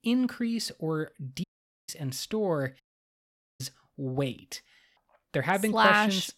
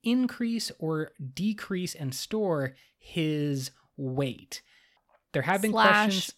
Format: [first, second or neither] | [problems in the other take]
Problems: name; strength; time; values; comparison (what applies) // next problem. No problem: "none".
second | audio cutting out; at 1.5 s and at 3 s for 1 s